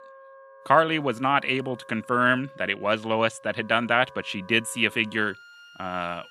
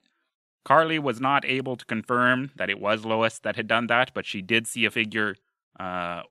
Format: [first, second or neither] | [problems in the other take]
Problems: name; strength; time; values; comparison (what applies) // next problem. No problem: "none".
second | background music; faint; throughout; 25 dB below the speech